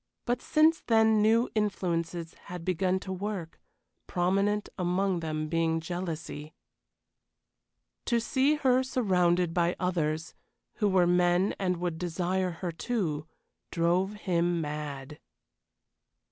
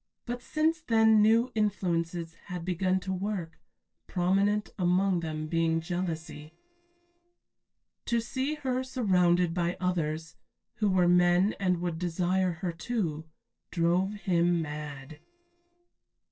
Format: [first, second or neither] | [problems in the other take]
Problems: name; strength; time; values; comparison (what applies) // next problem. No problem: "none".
first | noise reduction (neural separator model SepFormer DNS4)